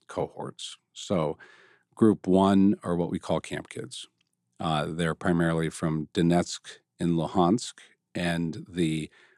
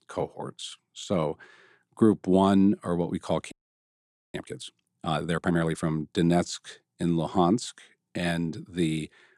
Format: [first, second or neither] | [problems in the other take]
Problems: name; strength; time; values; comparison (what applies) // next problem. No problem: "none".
first | audio freezing; at 3.5 s for 1 s